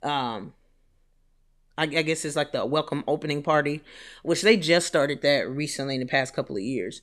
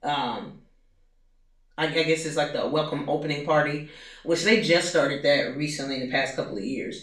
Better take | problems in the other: first | room echo; noticeable; dies away in 0.4 s // off-mic speech; far

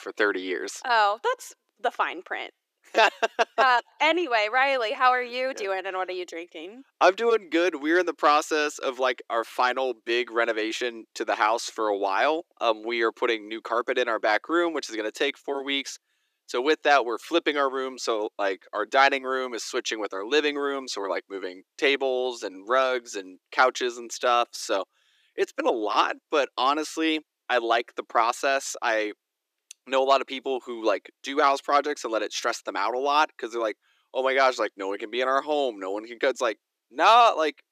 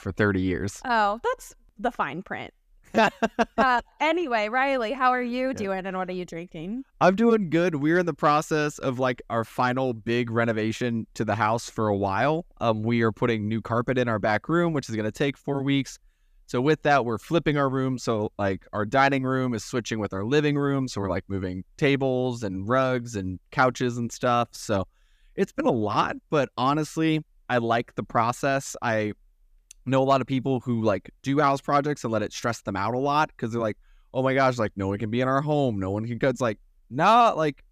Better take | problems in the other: second | thin; very; fading below 350 Hz

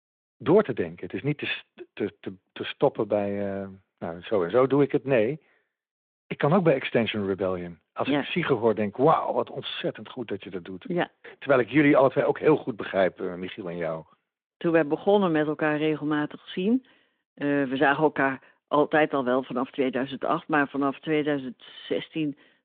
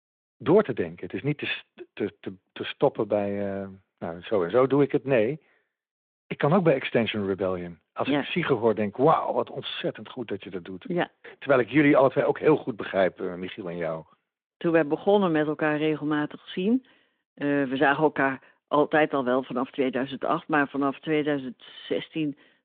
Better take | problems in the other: neither | phone-call audio; the same in both

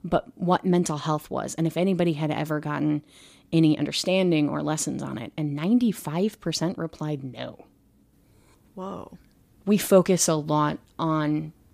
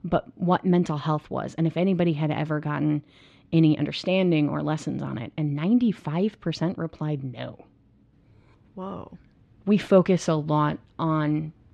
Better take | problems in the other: first | muffled; slightly; fading above 3 kHz

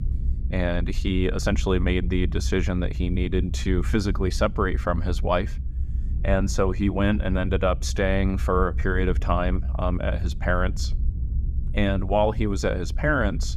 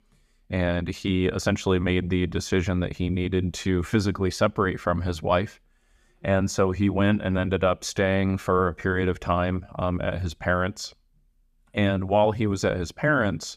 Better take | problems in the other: second | low rumble; faint; throughout; 20 dB below the speech

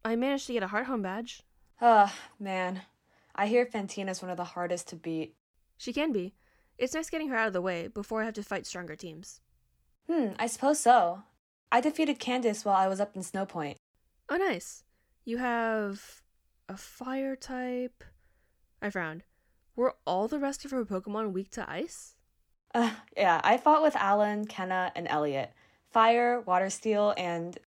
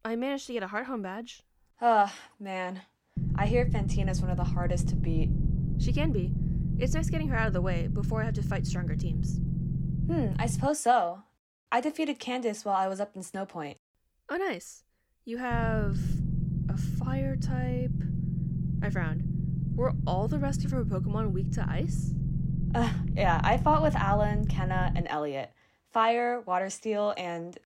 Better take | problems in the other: first | low rumble; noticeable; from 3 to 11 s and from 16 to 25 s; 10 dB below the speech

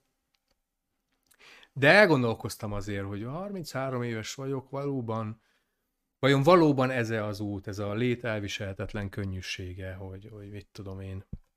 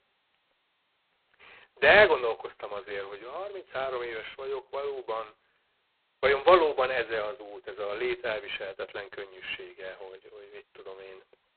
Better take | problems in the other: first | phone-call audio; poor line; nothing above 4 kHz

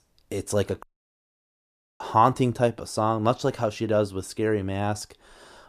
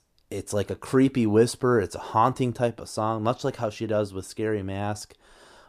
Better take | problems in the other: second | audio cutting out; at 1 s for 1 s

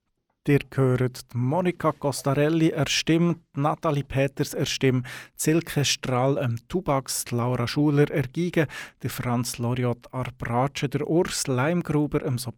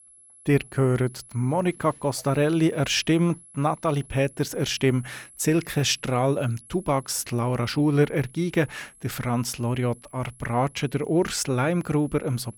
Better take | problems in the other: first | high-pitched whine; faint; throughout; 11 kHz, 25 dB below the speech

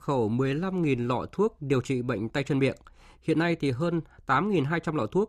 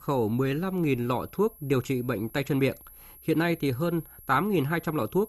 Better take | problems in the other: first | high-pitched whine; faint; throughout; 11.5 kHz, 20 dB below the speech

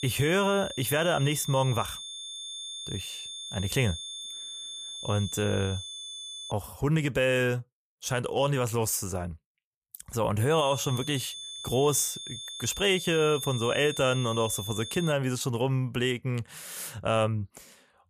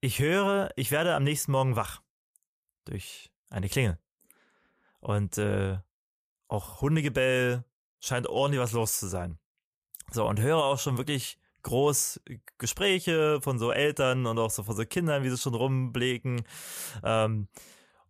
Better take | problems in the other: second | high-pitched whine; loud; until 6.5 s and from 11 to 15 s; 3.5 kHz, 9 dB below the speech

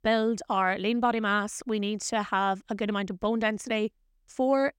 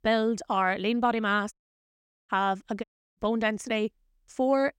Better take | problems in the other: first | audio cutting out; at 1.5 s for 1 s and at 3 s

